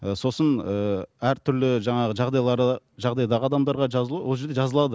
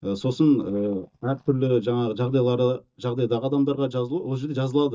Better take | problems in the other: first | noise reduction (neural mask model DeepFilterNet 3)

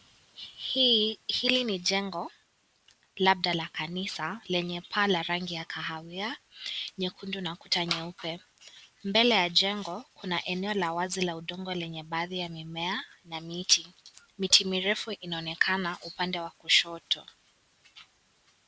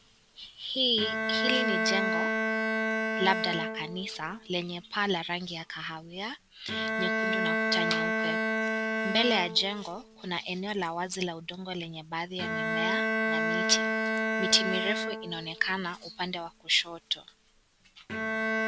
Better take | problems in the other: first | background sound (Bowed string instrument); 1 dB above the speech

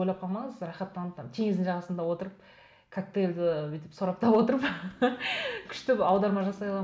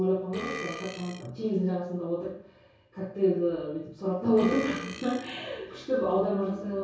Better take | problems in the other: first | background sound (Burping, eructation); 11 dB below the speech // room echo; dies away in 0.6 s

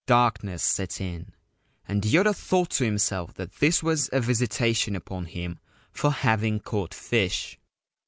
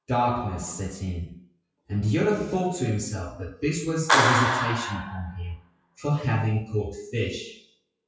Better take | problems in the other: first | noise reduction (classical method WPE with log-MMSE)

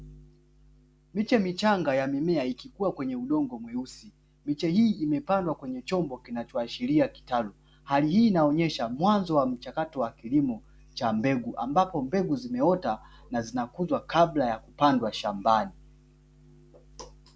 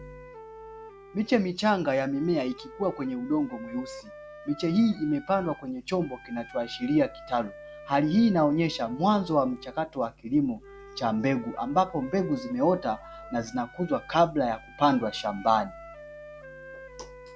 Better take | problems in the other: first | background sound (Wind instrument, woodwind instrument); 18 dB below the speech

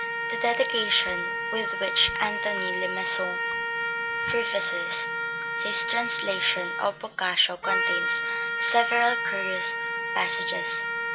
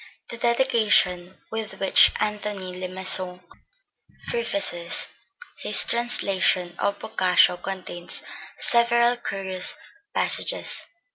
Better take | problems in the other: second | background sound (Trumpet); 1 dB above the speech

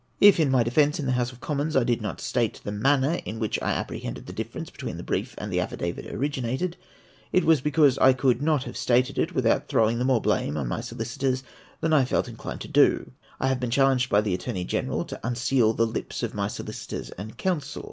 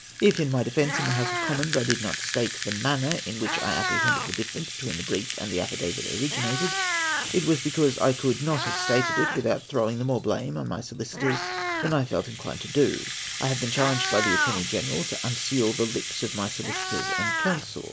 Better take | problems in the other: first | background sound (Rattle (instrument) + Meow); 3 dB below the speech

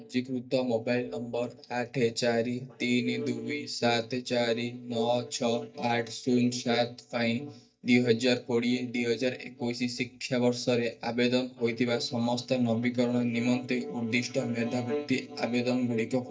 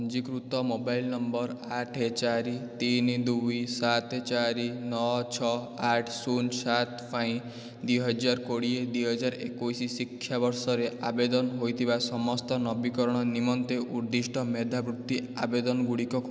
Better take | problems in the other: second | noise reduction (neural mask model DeepFilterNet 3)

